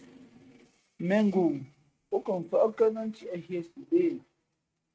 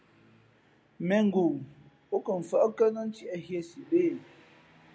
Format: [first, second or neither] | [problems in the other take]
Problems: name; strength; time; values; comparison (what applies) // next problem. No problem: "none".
second | noise reduction (neural mask model RNNoise)